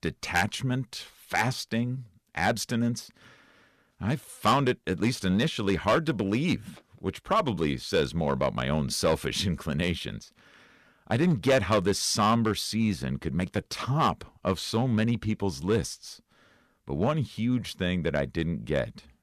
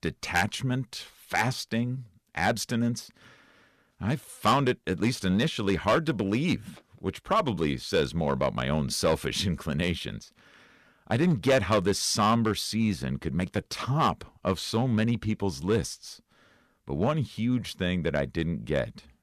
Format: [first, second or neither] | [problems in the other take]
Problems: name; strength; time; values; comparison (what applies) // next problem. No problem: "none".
neither | distortion; slight; 3% of the sound clipped; the same in both